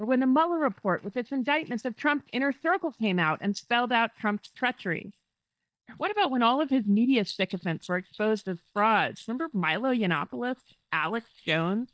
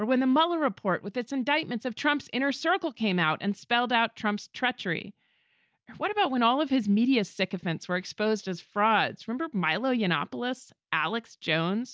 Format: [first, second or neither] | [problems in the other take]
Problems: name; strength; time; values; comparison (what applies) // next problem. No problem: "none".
second | noise reduction (neural mask model DeepFilterNet 3)